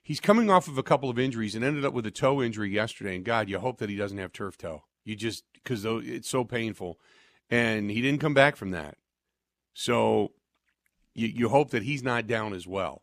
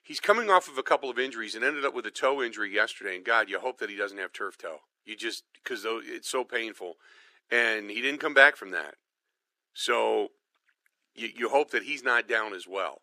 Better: first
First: none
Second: thin; very; fading below 350 Hz

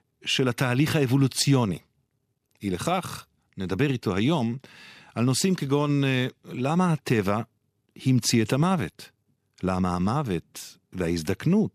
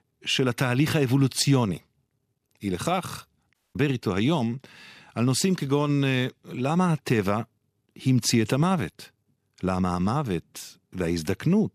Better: first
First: none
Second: audio cutting out; at 3.5 s

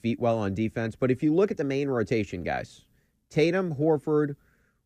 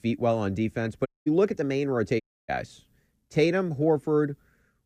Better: first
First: none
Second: audio cutting out; at 1 s and at 2 s

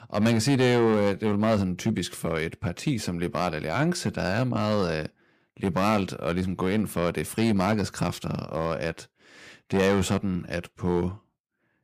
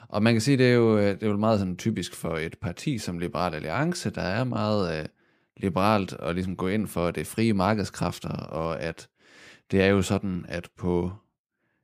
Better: second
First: distortion; slight; 4% of the sound clipped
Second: none

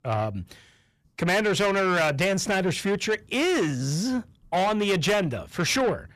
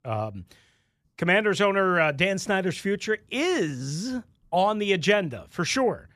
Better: second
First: distortion; heavy; 8 dB below the speech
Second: none

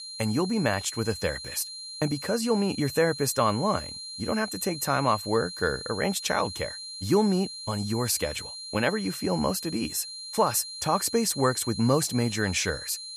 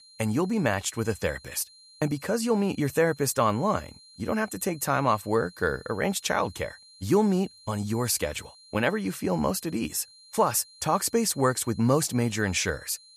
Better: second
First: high-pitched whine; loud; throughout; 4 kHz, 9 dB below the speech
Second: high-pitched whine; faint; throughout; 4 kHz, 25 dB below the speech

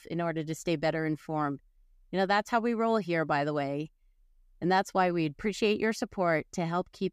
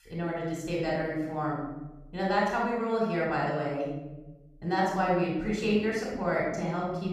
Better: first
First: none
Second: off-mic speech; far // room echo; noticeable; dies away in 1 s

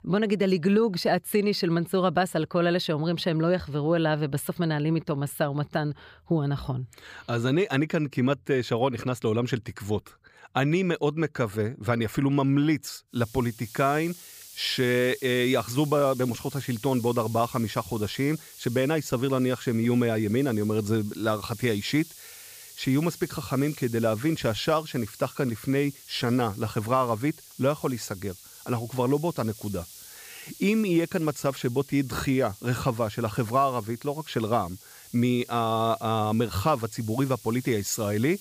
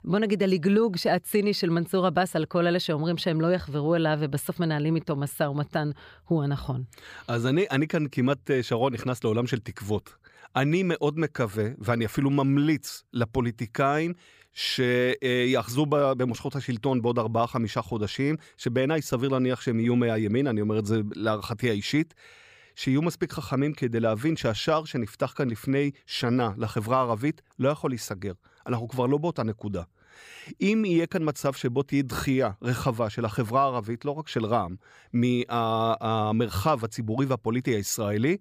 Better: second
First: hiss; noticeable; from 13 s on; 20 dB below the speech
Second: none

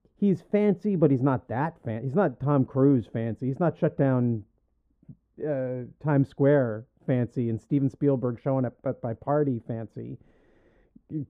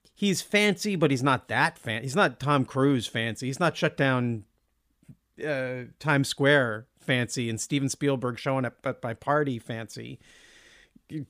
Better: second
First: muffled; very; fading above 1.5 kHz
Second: none

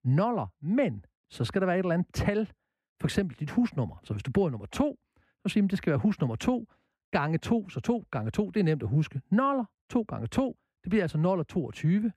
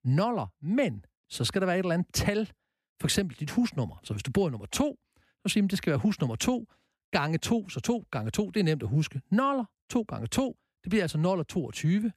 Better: second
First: muffled; slightly; fading above 3 kHz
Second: none

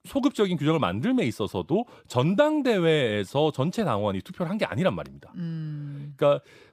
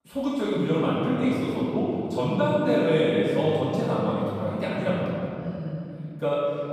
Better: first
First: none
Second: off-mic speech; far // room echo; strong; dies away in 2.5 s

